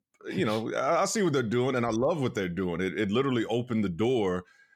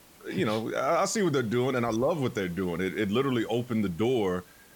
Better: first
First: none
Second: hiss; faint; throughout; 25 dB below the speech

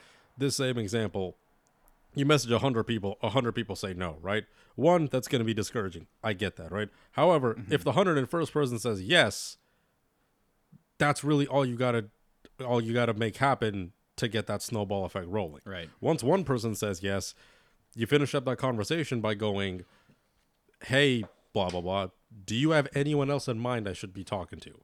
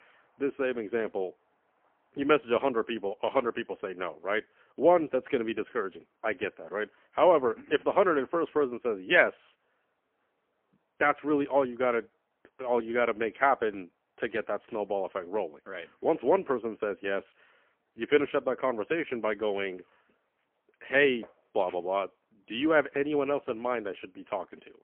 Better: first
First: none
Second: phone-call audio; poor line; nothing above 3 kHz

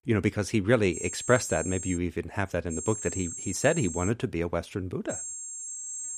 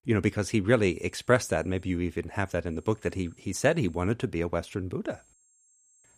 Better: second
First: high-pitched whine; loud; from 1 to 2 s, from 2.5 to 4 s and from 5 s on; 7.5 kHz, 7 dB below the speech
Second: high-pitched whine; faint; from 1 to 2 s, from 2.5 to 4 s and from 5 s on; 7.5 kHz, 35 dB below the speech

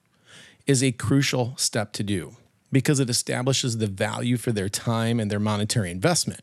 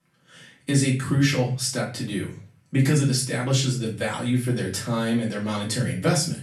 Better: first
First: none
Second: room echo; slight; dies away in 0.4 s // off-mic speech; far

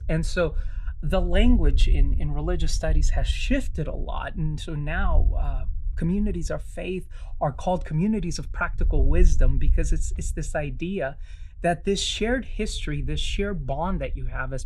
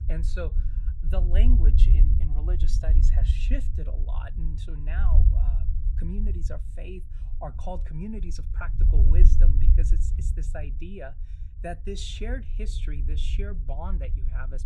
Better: first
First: low rumble; faint; throughout; 20 dB below the speech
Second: low rumble; loud; throughout; 5 dB below the speech

